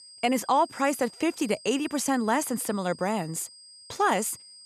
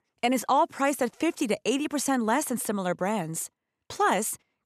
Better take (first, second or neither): second